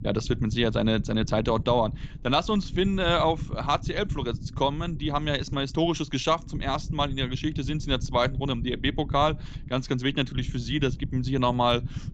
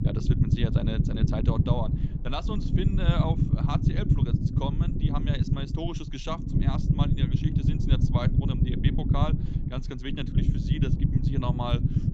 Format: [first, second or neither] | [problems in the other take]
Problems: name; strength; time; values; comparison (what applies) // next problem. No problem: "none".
first | low rumble; loud; throughout; as loud as the speech; faint in the first